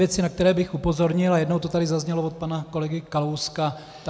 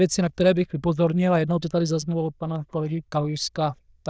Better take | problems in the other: first | noise reduction (neural diffusion model UNIVERSE++)

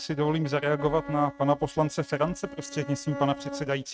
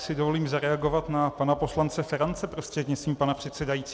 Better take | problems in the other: second | noise reduction (neural mask model RNNoise)

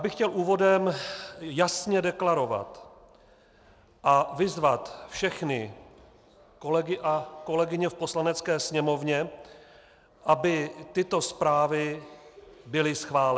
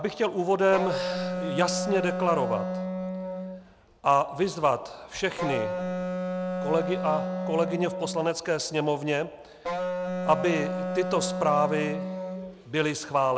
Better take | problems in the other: first | background sound (Wind instrument, woodwind instrument); 4 dB below the speech

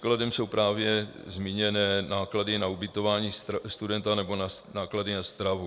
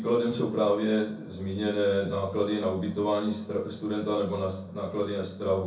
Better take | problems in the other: first | room echo; dies away in 0.6 s

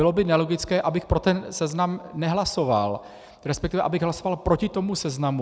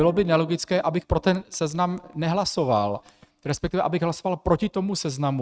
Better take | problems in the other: first | noise reduction (neural mask model RNNoise)

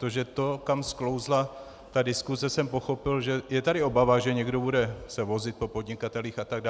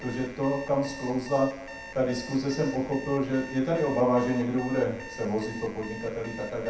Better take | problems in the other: first | background sound (Alarm); 15 dB below the speech // room echo; dies away in 0.7 s

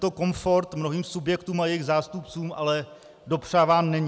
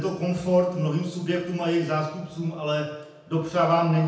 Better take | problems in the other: first | room echo; dies away in 0.9 s

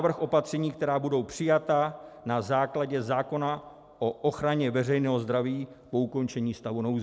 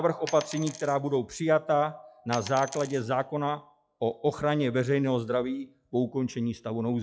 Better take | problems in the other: first | noise reduction (classical method log-MMSE)

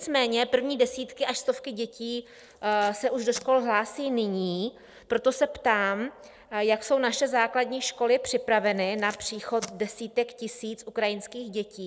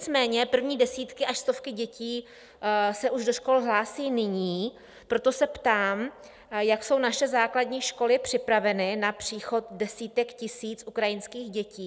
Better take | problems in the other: second | noise reduction (neural separator model SepFormer DNS4)

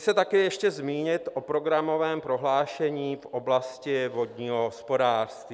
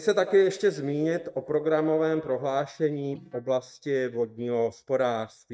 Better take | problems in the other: first | noise reduction (neural mask model DeepFilterNet 3)

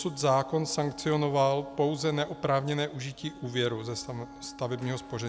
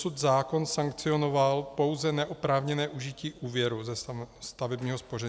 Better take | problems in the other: second | background sound (Wind instrument, woodwind instrument); 18 dB below the speech

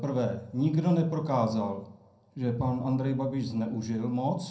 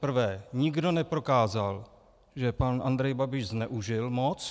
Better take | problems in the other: second | room echo; dies away in 0.6 s

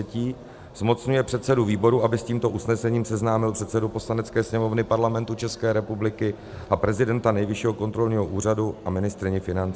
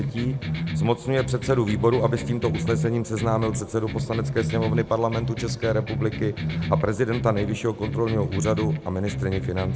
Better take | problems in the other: first | background sound (Electric guitar); 4 dB below the speech

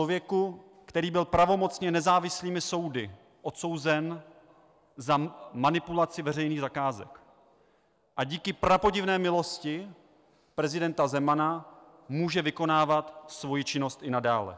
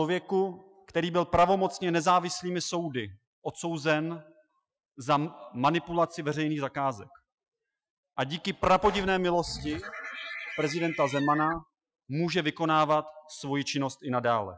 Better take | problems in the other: first | noise reduction (classical method Wiener filter)

